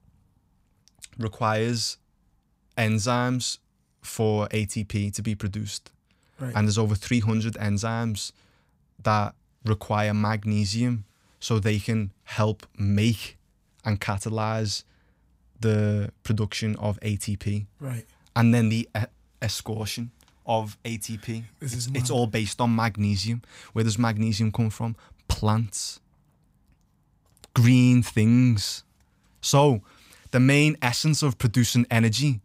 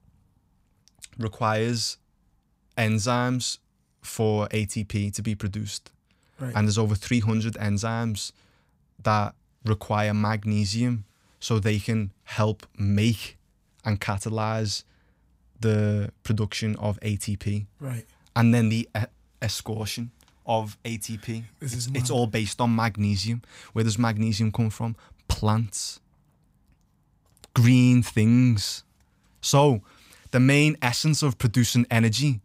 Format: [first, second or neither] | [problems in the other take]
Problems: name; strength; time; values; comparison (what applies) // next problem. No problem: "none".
neither | none